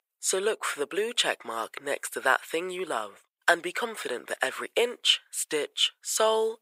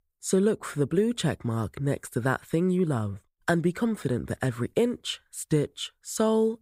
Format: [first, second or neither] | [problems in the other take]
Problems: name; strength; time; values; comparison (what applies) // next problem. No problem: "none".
second | thin; very; fading below 550 Hz